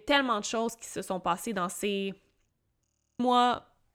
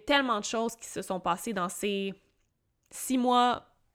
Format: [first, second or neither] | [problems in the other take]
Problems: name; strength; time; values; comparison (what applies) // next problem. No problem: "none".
second | audio freezing; at 3 s